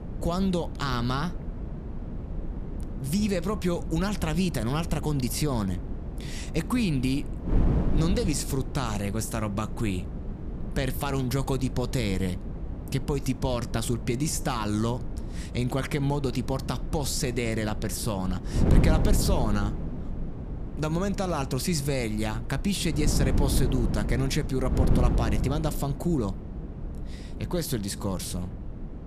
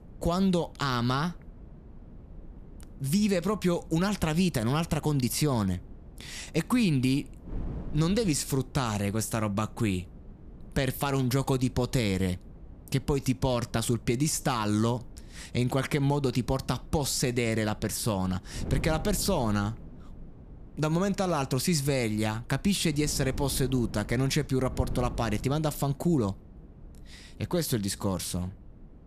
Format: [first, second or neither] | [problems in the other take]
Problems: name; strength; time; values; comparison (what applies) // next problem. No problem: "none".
second | wind noise on the microphone; heavy; 9 dB below the speech; occasional gusts in the second